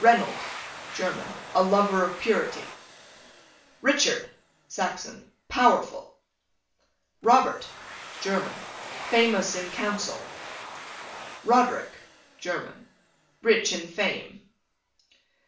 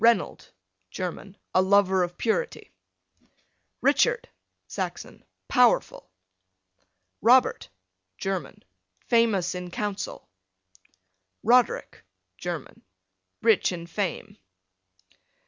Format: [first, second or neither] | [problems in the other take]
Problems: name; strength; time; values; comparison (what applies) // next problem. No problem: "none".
second | background sound (Domestic sounds, home sounds); 15 dB below the speech // room echo; dies away in 0.4 s